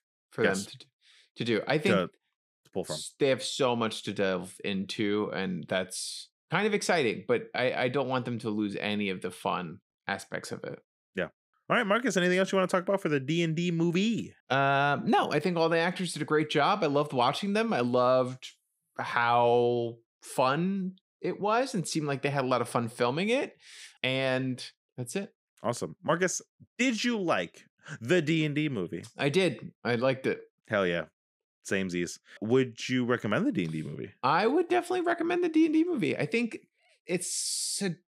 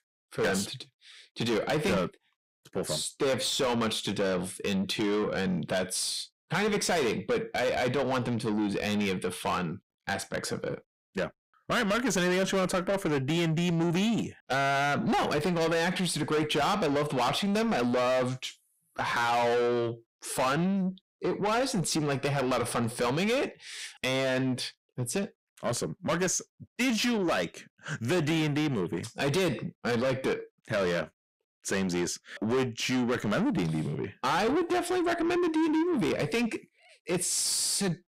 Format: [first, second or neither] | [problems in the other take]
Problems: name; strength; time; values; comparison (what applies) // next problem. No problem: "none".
first | distortion; heavy; 6 dB below the speech